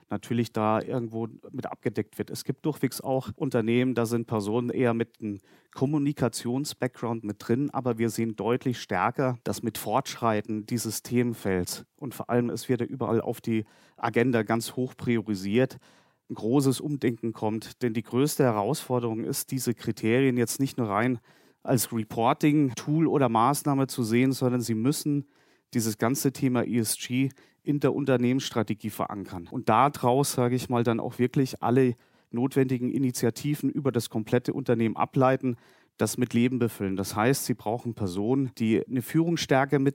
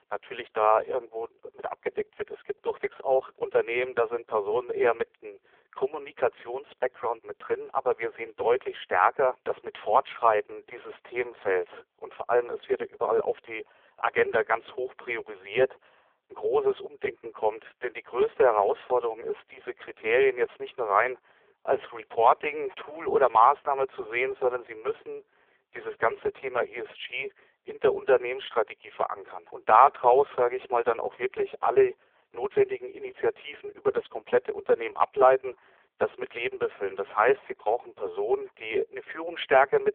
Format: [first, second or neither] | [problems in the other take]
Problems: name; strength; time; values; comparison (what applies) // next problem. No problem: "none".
first | phone-call audio; poor line